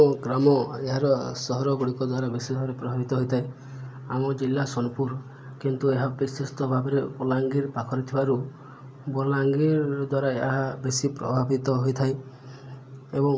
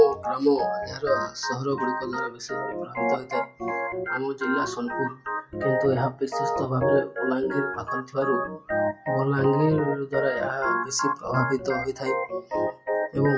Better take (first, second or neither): first